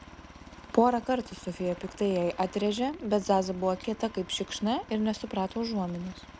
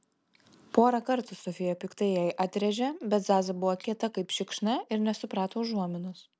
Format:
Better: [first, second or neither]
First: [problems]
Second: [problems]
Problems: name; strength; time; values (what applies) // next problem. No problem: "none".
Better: second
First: background sound (Aircraft); 18 dB below the speech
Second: none